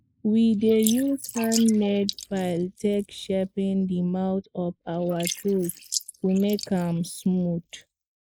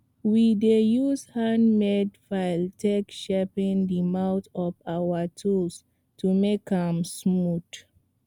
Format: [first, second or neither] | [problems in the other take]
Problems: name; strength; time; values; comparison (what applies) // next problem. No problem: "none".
second | noise reduction (neural mask model Resemble Enhance denoiser)